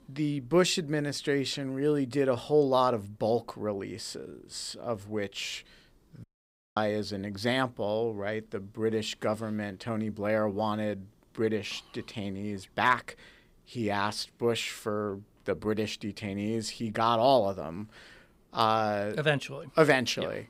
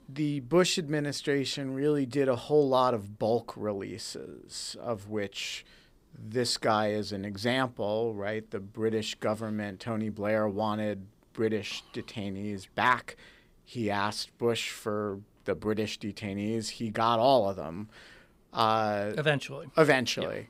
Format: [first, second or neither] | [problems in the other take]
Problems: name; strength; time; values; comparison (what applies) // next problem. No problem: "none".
second | audio cutting out; at 6 s for 0.5 s